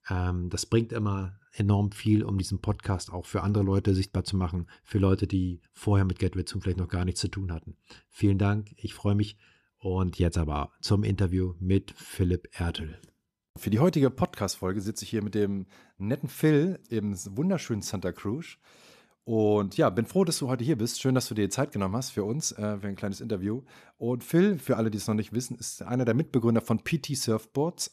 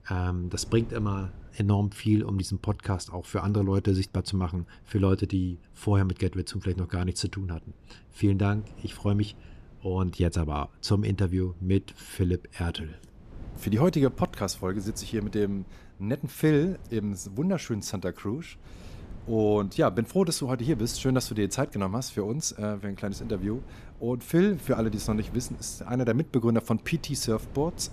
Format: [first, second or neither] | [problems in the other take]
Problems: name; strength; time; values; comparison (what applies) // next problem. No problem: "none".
first | wind noise on the microphone; occasional gusts; 25 dB below the speech